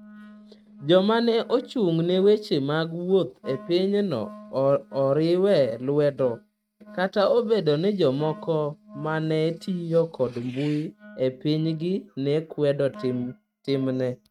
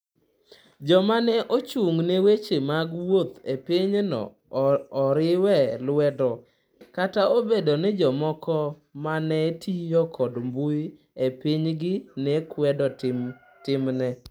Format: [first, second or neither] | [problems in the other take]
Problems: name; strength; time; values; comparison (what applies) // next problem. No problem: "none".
second | noise reduction (neural mask model RNNoise)